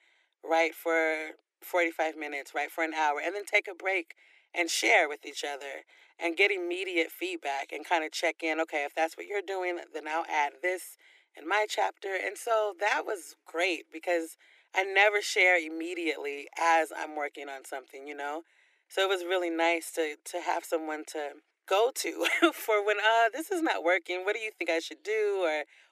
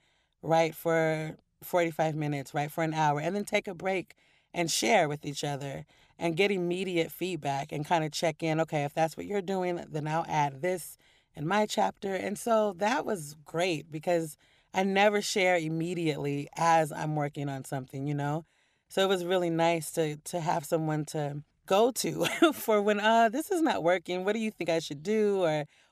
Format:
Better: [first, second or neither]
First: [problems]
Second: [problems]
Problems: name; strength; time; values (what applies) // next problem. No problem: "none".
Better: second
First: thin; very; fading below 300 Hz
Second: none